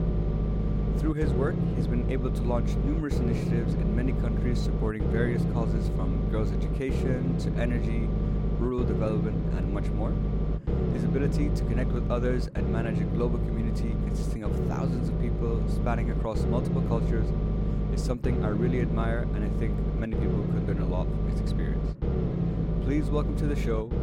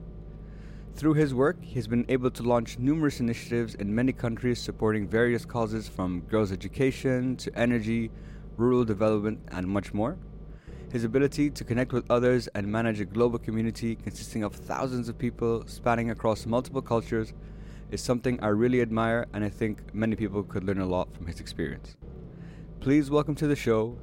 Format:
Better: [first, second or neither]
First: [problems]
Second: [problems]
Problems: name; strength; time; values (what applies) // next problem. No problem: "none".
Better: second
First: low rumble; loud; throughout; 1 dB below the speech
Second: low rumble; faint; throughout; 25 dB below the speech